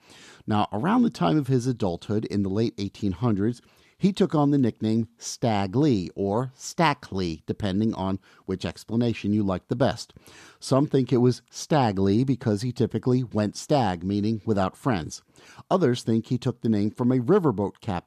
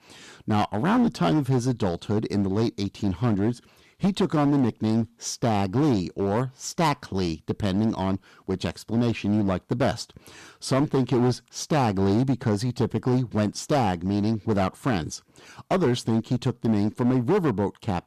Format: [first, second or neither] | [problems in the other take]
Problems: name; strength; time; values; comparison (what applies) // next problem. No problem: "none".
first | distortion; slight; 10% of the sound clipped